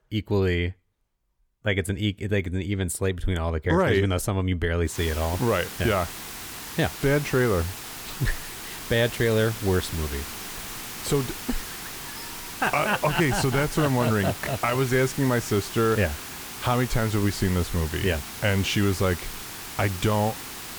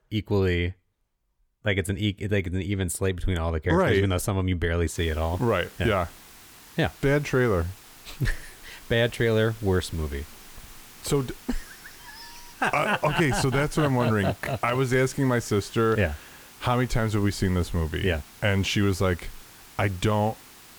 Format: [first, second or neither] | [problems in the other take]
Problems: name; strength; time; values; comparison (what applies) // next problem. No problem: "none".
second | hiss; loud; from 5 s on; 10 dB below the speech; faint in the second